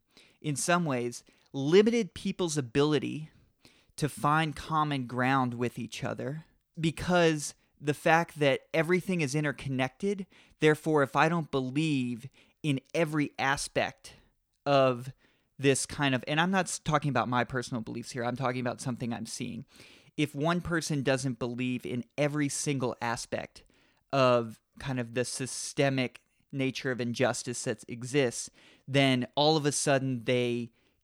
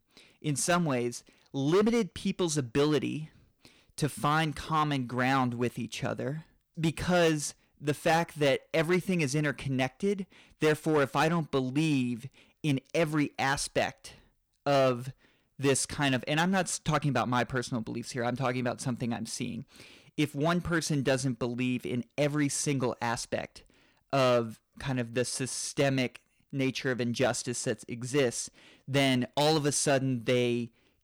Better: first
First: none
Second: distortion; slight; 4% of the sound clipped

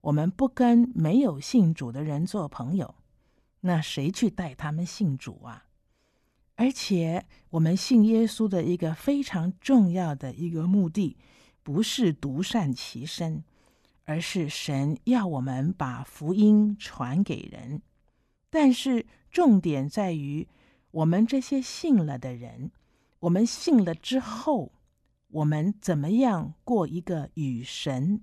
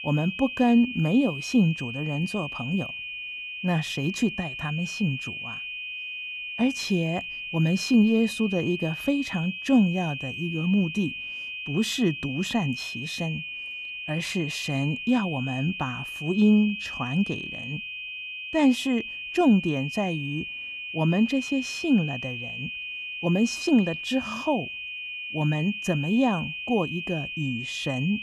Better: first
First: none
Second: high-pitched whine; loud; throughout; 2.5 kHz, 7 dB below the speech

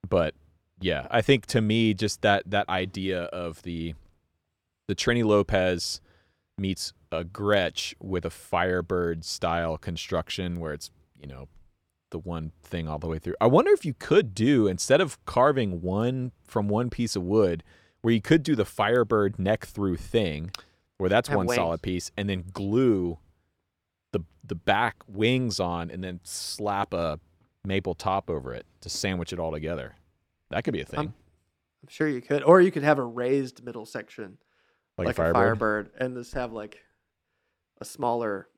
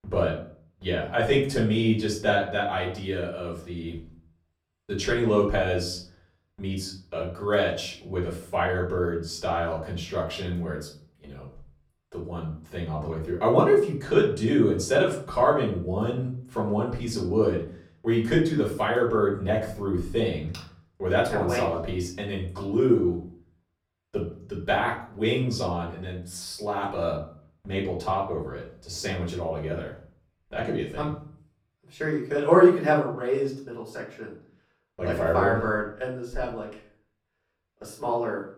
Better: first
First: none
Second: off-mic speech; far // room echo; slight; dies away in 0.4 s

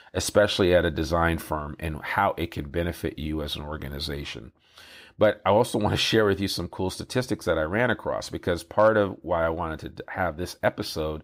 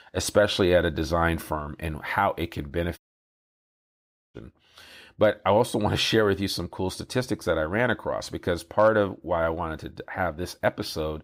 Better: first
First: none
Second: audio cutting out; at 3 s for 1.5 s

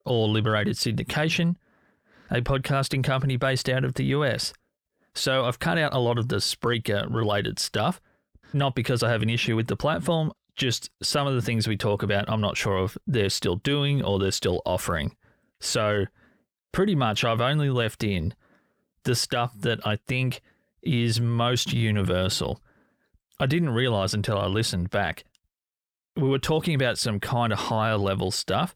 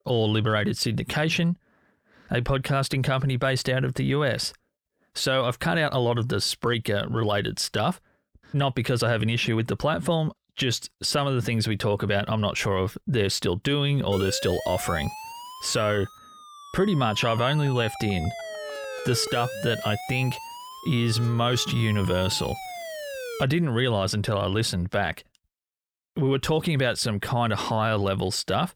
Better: first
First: none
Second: siren; noticeable; from 14 to 23 s; peak 8 dB below the speech

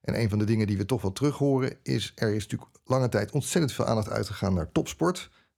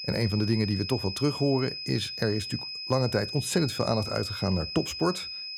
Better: first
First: none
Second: high-pitched whine; loud; throughout; 5 kHz, 6 dB below the speech

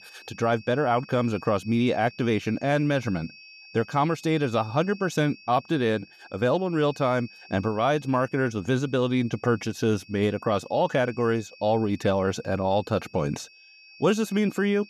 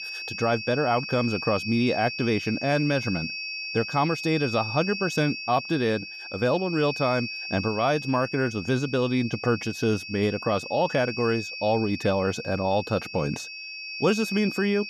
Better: first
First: high-pitched whine; faint; throughout; 2.5 kHz, 20 dB below the speech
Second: high-pitched whine; loud; throughout; 2.5 kHz, 7 dB below the speech

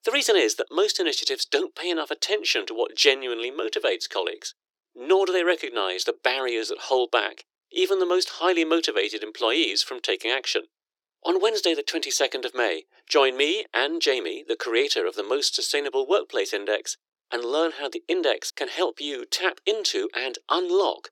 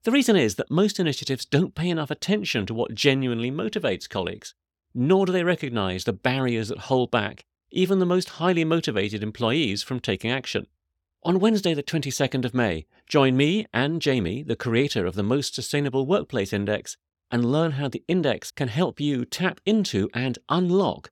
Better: second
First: thin; very; fading below 350 Hz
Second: none

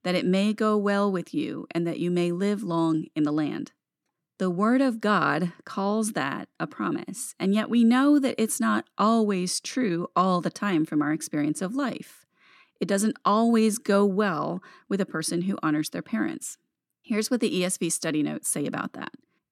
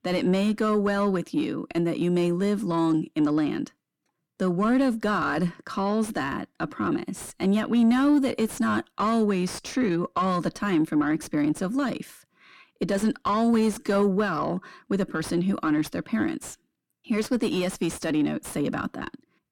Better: first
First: none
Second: distortion; slight; 10 dB below the speech

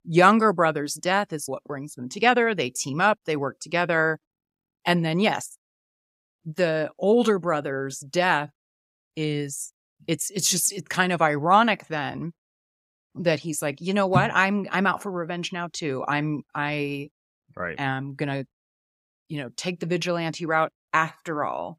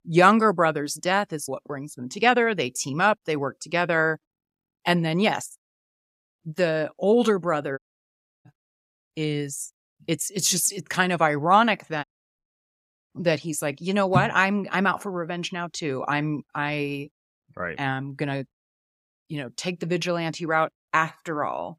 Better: first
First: none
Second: audio cutting out; at 8 s for 0.5 s and at 12 s

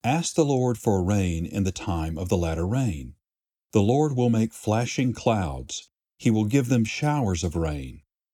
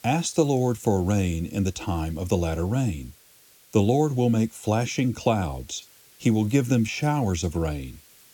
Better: first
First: none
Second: hiss; faint; throughout; 25 dB below the speech

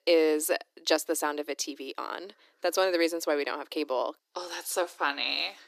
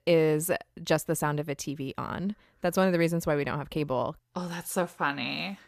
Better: second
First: thin; somewhat; fading below 300 Hz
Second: none

